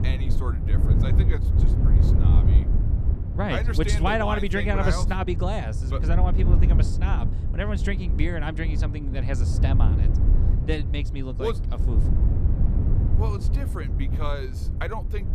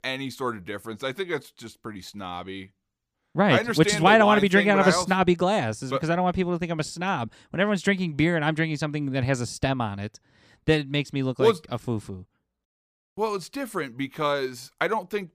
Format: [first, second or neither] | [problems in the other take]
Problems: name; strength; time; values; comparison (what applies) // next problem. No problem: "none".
second | wind noise on the microphone; heavy; 7 dB below the speech